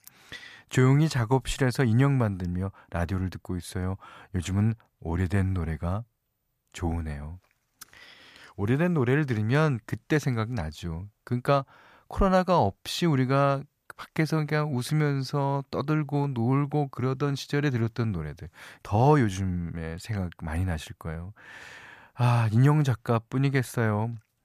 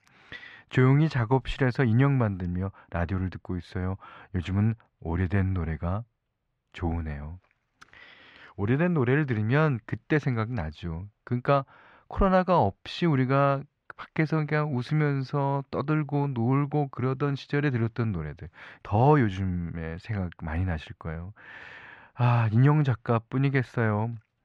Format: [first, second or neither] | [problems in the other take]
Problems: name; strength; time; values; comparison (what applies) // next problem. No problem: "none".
first | muffled; slightly; fading above 2.5 kHz